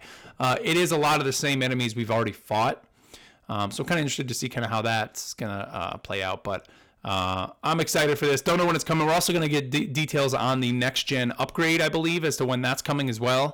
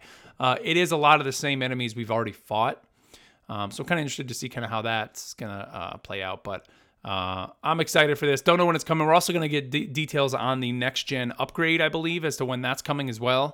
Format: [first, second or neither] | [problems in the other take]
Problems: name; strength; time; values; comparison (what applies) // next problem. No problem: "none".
second | distortion; heavy; 10% of the sound clipped